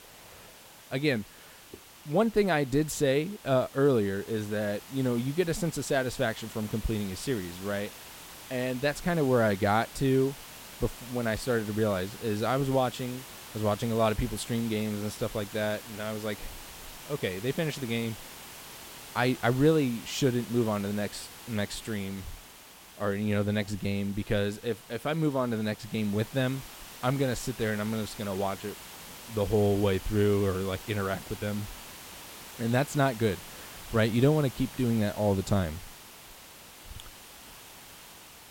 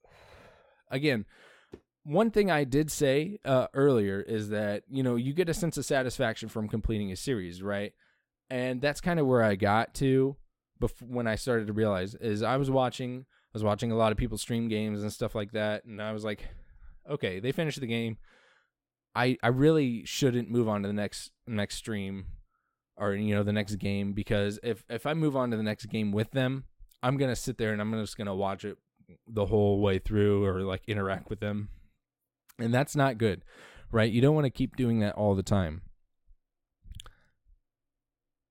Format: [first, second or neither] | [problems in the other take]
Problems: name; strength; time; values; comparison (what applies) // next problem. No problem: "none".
second | hiss; noticeable; throughout; 15 dB below the speech